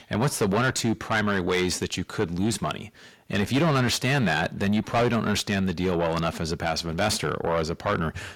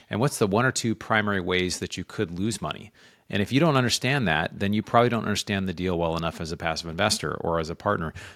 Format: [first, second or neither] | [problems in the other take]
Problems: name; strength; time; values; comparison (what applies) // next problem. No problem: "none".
second | distortion; heavy; 7 dB below the speech